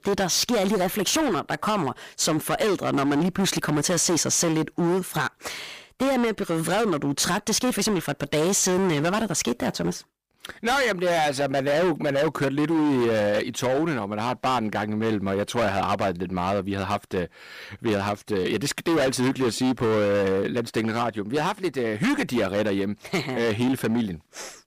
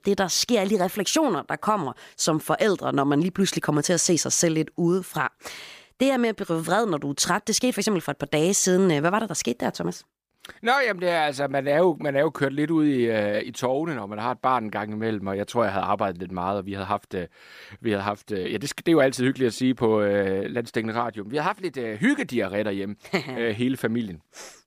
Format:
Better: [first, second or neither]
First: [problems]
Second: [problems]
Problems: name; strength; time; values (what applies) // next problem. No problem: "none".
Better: second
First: distortion; heavy; 20% of the sound clipped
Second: none